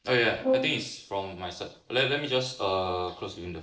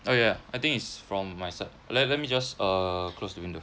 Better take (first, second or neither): second